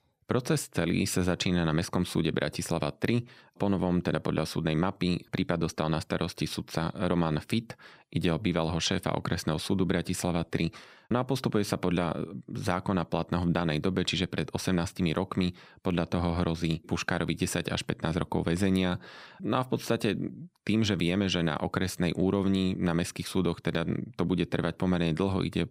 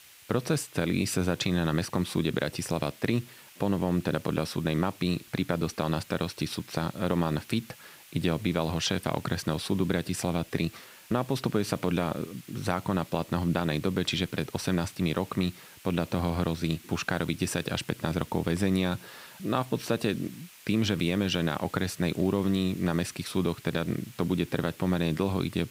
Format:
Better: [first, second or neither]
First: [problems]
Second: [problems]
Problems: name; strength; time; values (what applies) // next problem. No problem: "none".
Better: first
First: none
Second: hiss; faint; throughout; 20 dB below the speech